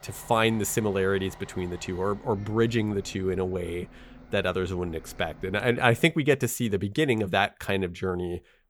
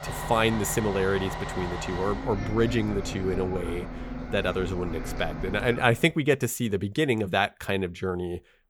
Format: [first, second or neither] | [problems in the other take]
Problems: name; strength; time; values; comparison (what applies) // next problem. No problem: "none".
first | traffic noise; loud; until 6 s; 8 dB below the speech; faint in the first